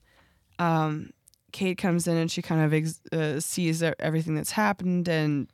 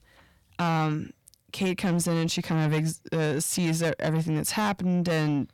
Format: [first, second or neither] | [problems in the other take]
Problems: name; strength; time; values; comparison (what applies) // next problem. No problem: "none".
first | distortion; slight; 10 dB below the speech